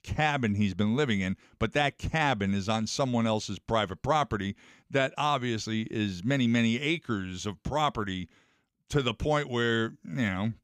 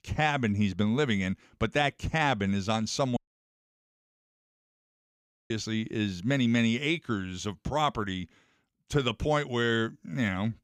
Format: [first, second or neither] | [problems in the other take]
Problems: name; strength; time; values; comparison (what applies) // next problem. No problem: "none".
first | audio cutting out; at 3 s for 2.5 s